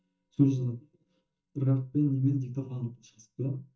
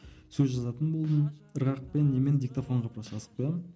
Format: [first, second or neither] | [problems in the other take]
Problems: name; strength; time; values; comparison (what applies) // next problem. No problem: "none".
second | noise reduction (neural mask model DeepFilterNet 3)